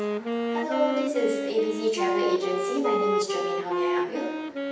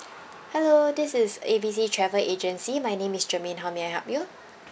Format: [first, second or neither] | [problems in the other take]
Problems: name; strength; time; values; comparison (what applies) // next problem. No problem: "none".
second | background sound (Wind instrument, woodwind instrument); 1 dB above the speech // room echo; dies away in 0.9 s